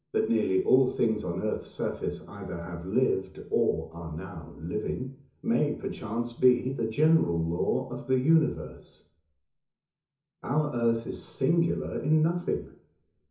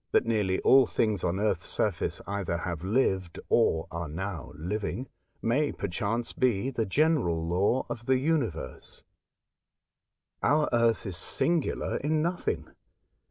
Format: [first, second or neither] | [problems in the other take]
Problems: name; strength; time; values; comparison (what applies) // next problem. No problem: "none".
second | room echo; dies away in 0.6 s